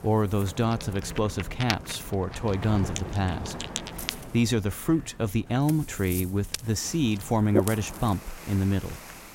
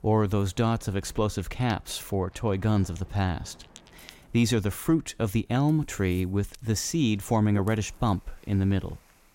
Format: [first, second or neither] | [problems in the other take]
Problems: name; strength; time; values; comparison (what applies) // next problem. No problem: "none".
second | rain or running water; loud; throughout; 8 dB below the speech; faint in the second